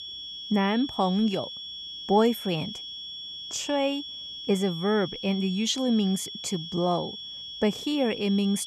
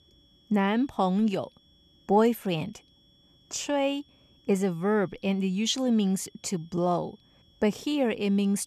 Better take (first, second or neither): second